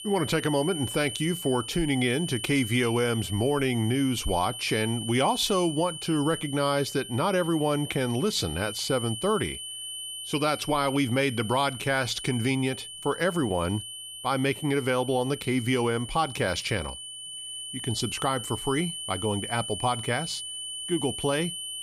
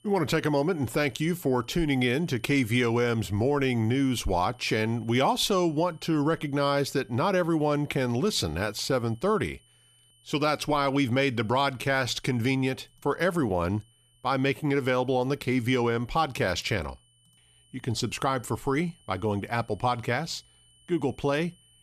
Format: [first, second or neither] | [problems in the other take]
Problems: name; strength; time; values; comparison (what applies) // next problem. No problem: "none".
second | high-pitched whine; loud; throughout; 3 kHz, 8 dB below the speech; faint in the second